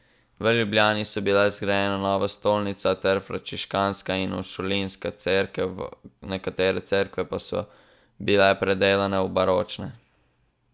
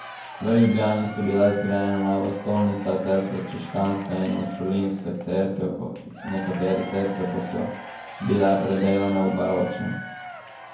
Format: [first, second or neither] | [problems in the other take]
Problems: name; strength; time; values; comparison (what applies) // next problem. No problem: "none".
first | background sound (Applause / Crowd / Cheering); 14 dB below the speech // room echo; dies away in 0.9 s